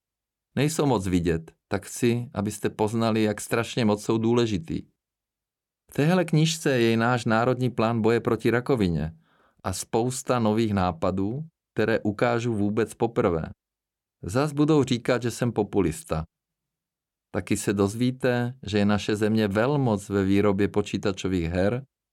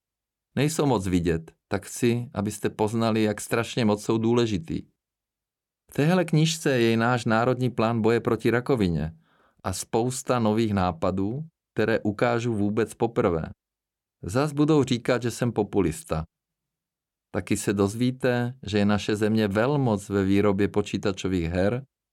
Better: neither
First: none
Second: none

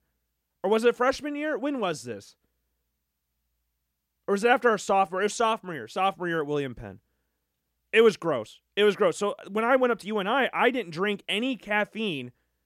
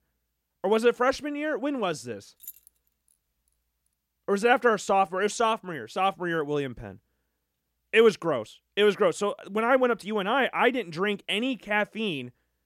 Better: first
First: none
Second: jangling keys; faint; at 2.5 s; peak 20 dB below the speech

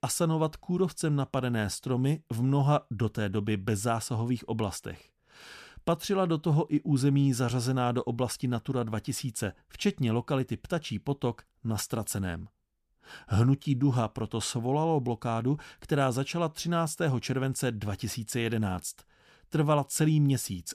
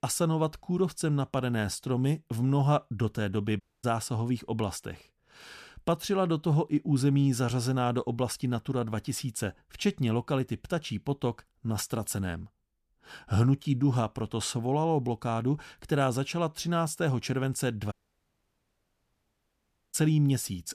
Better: first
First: none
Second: audio cutting out; at 3.5 s and at 18 s for 2 s

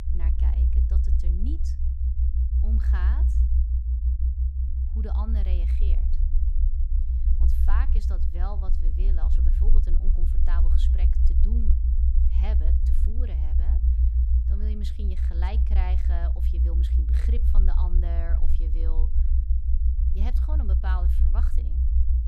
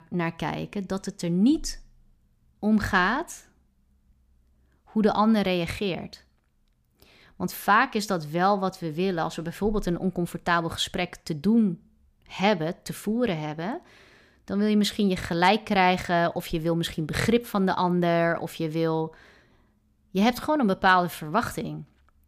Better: second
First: low rumble; loud; throughout; 1 dB below the speech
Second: none

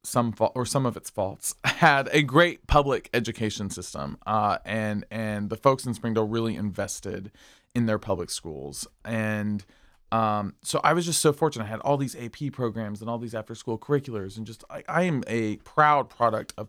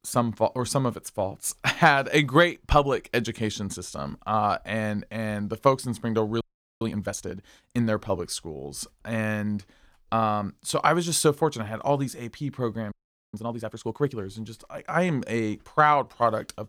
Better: first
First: none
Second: audio freezing; at 6.5 s and at 13 s

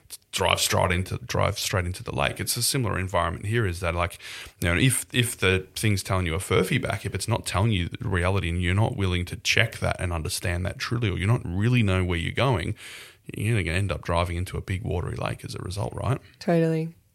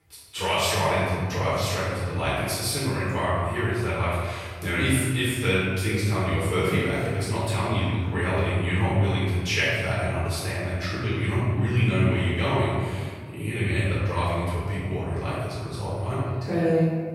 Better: first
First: none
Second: off-mic speech; far // room echo; strong; dies away in 1.6 s

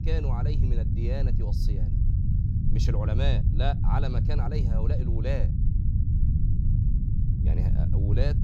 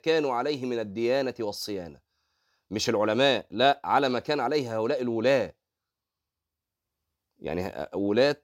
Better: second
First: low rumble; loud; throughout; 3 dB below the speech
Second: none

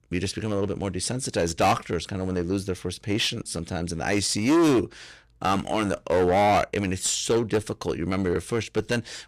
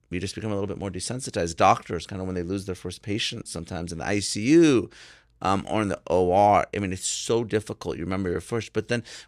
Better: second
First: distortion; heavy; 8% of the sound clipped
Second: none

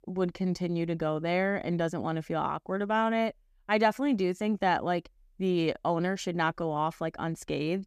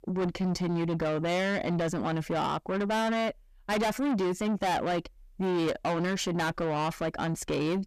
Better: first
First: none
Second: distortion; heavy; 6 dB below the speech

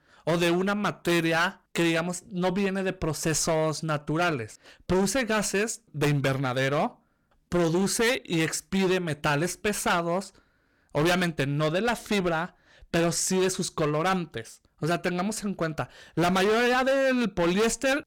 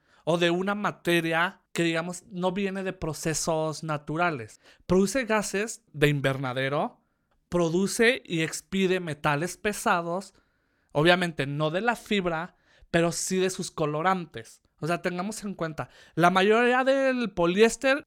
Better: second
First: distortion; heavy; 14% of the sound clipped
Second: none

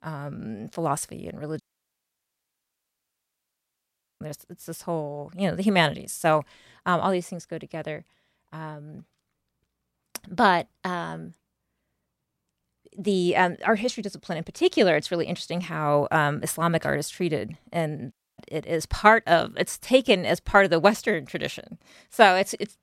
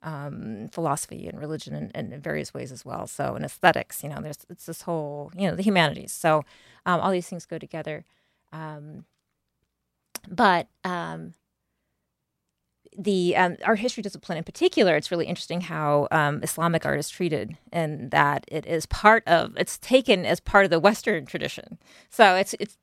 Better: second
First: audio cutting out; at 1.5 s for 2.5 s and at 18 s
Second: none

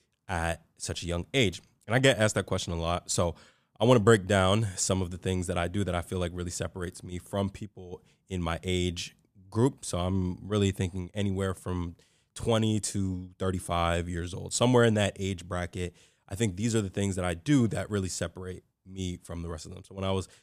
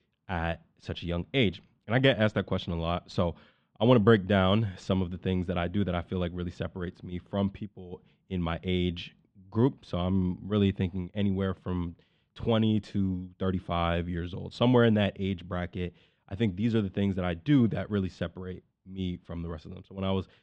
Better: first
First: none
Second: muffled; very; fading above 3.5 kHz

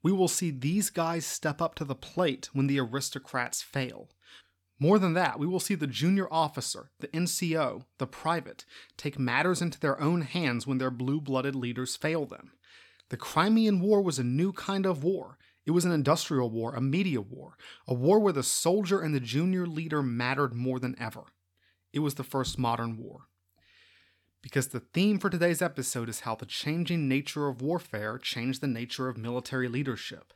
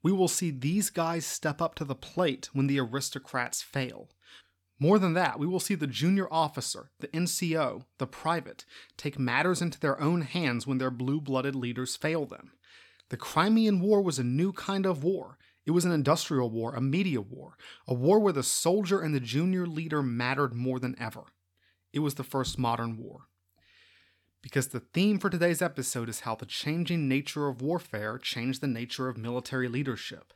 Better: neither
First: none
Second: none

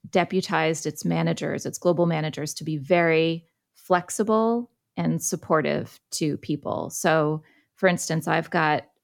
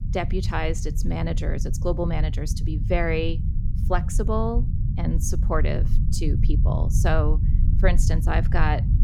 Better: first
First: none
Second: low rumble; noticeable; throughout; 10 dB below the speech

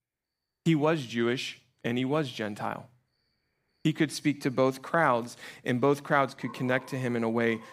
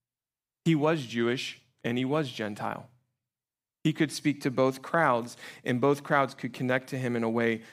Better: second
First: animal sounds; faint; throughout; 20 dB below the speech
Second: none

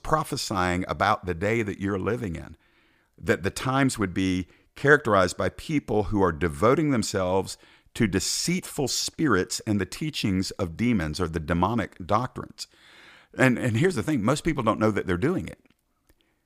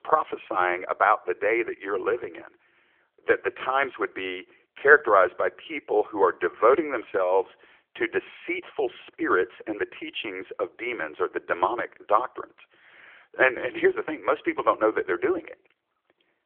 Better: first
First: none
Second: phone-call audio; nothing above 3.5 kHz

